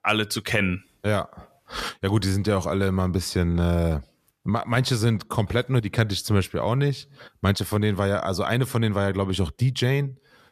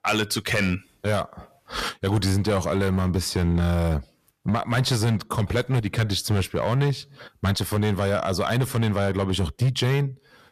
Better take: first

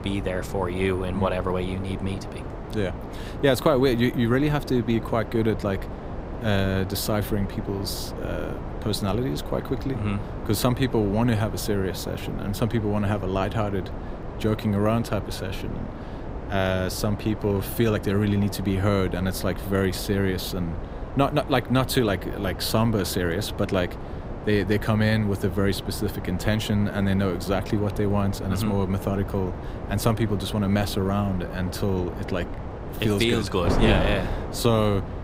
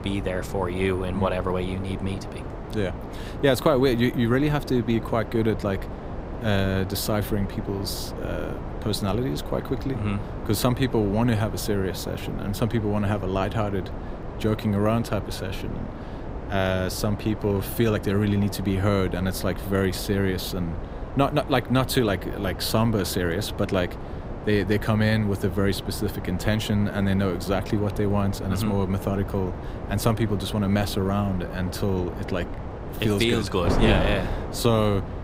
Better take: neither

